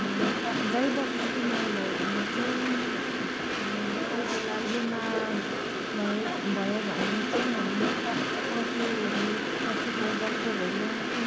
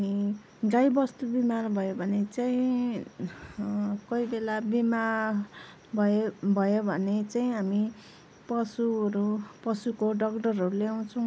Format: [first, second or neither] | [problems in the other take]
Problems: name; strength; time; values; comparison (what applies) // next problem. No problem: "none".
second | background sound (Train); 3 dB above the speech